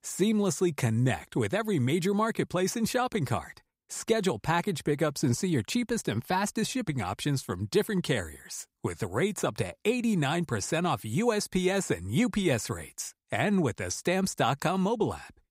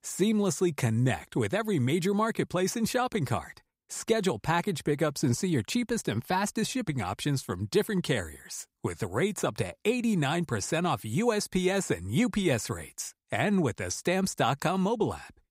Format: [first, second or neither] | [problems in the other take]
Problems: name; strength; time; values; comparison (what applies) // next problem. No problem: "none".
neither | none